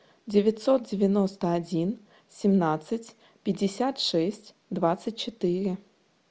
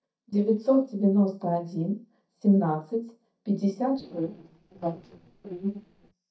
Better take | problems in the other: first | noise reduction (neural mask model DeepFilterNet 3)

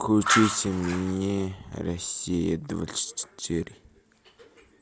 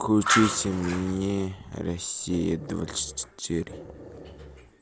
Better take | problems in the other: first | background sound (Growling); 17 dB below the speech

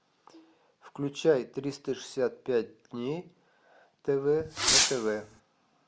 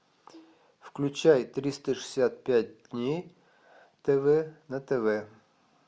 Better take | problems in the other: second | background sound (Fireworks); 4 dB above the speech

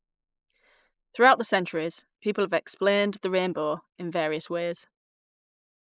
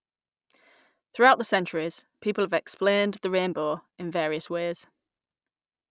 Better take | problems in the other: second | noise reduction (neural mask model Resemble Enhance denoiser)

